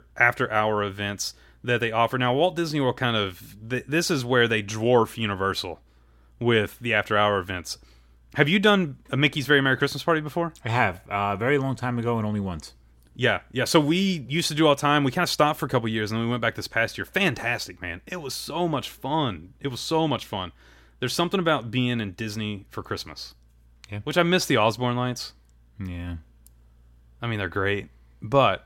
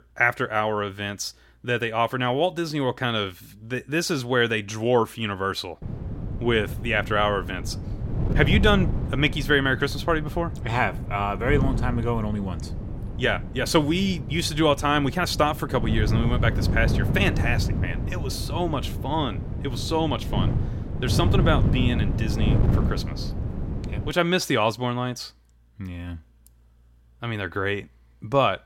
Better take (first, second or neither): first